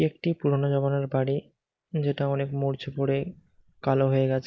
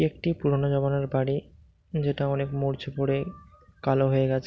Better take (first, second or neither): second